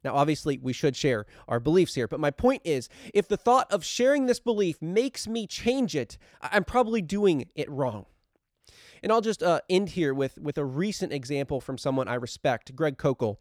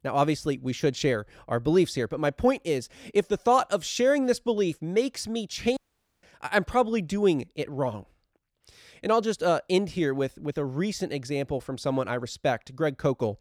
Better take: first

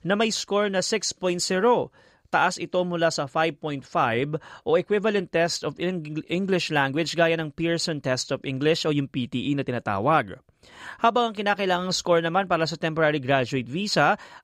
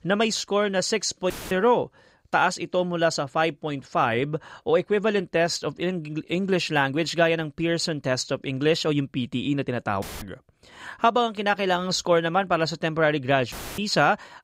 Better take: first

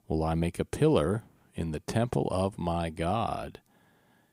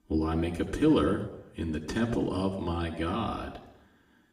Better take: first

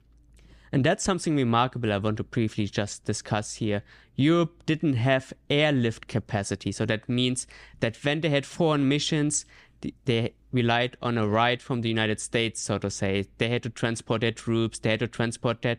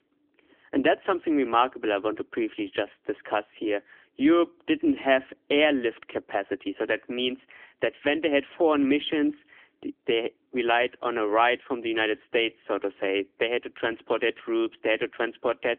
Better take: first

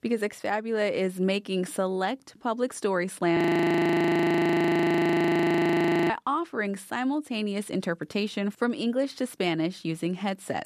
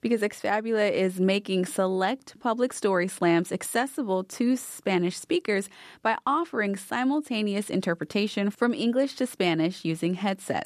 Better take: second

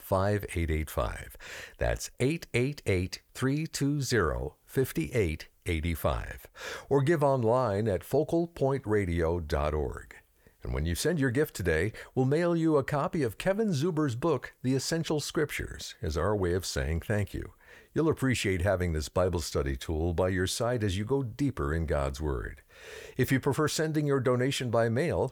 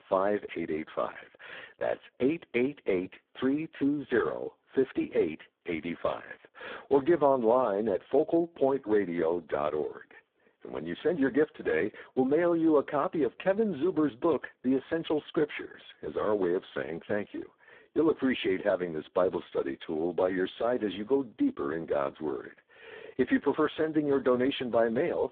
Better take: first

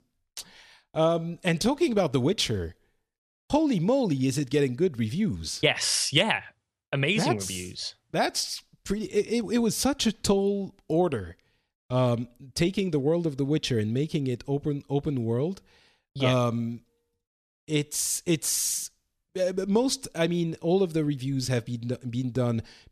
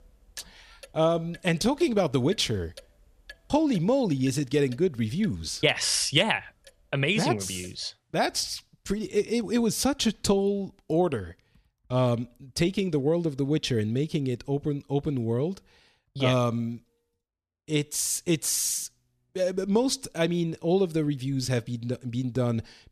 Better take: first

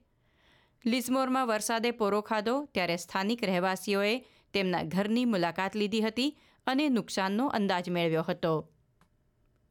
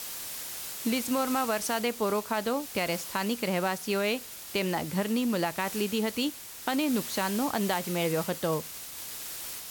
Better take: first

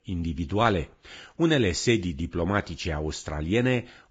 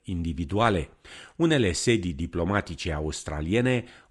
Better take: second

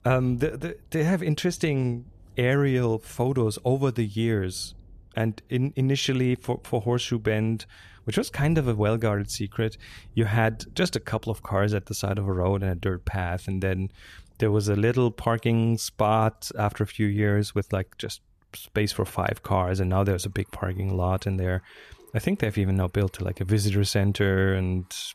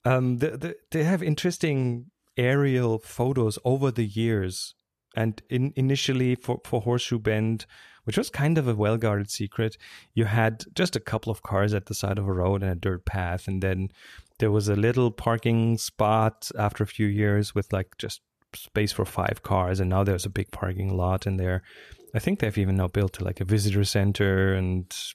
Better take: second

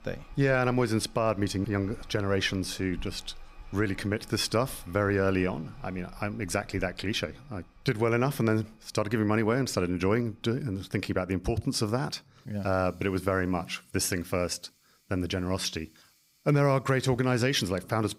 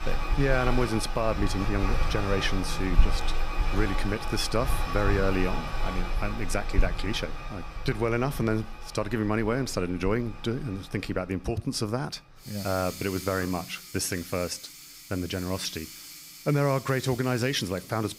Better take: first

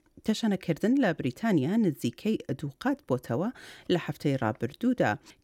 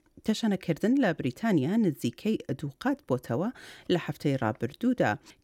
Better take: neither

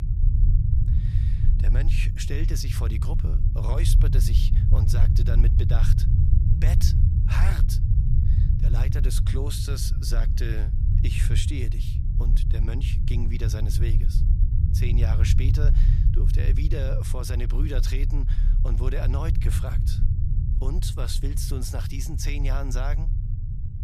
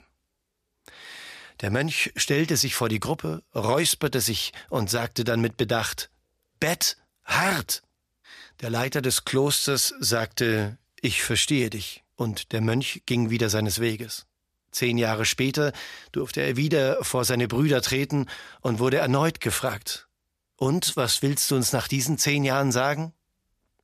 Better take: second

